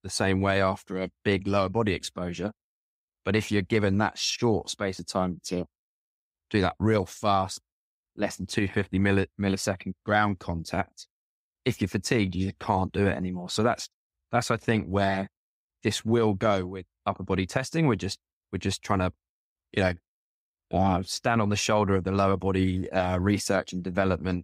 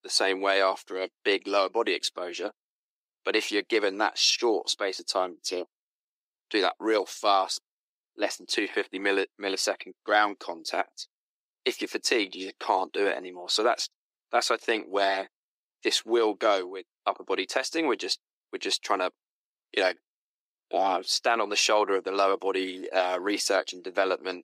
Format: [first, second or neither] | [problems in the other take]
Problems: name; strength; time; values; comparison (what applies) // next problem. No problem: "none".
first | thin; very; fading below 350 Hz